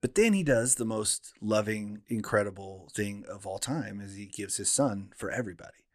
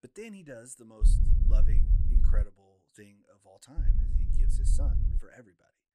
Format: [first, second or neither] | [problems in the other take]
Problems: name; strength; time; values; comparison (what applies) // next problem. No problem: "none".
first | low rumble; loud; from 1 to 2.5 s and from 4 to 5 s; 1 dB below the speech